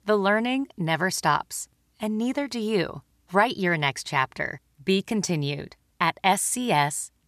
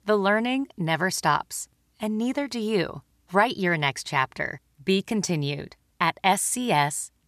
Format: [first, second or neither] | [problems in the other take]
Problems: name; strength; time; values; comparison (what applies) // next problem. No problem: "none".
neither | none